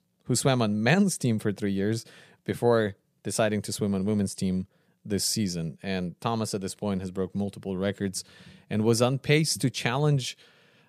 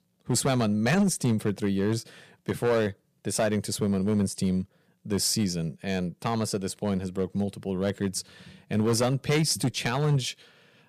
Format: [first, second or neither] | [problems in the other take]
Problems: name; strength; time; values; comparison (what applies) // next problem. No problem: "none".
first | distortion; slight; 4% of the sound clipped